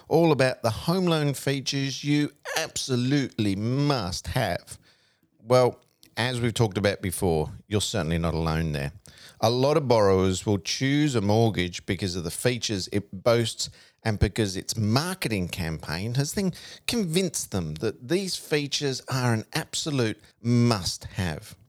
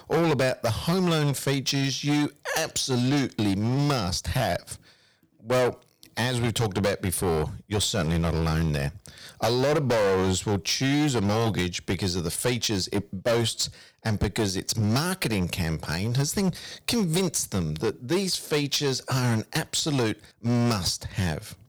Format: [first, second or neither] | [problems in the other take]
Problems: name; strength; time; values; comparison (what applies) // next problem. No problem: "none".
first | distortion; heavy; 12% of the sound clipped